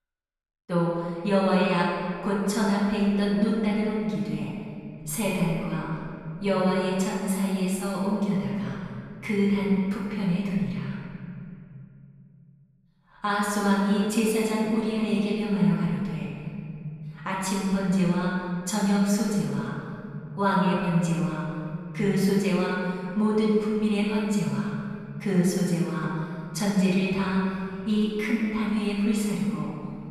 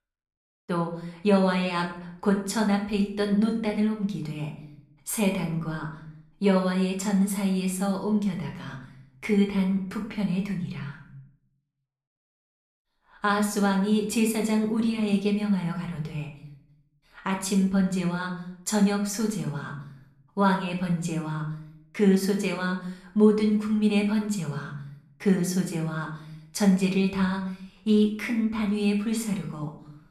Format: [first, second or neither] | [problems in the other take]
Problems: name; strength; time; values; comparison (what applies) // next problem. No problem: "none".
second | room echo; strong; dies away in 2.6 s; slight in the second // off-mic speech; far; somewhat distant in the second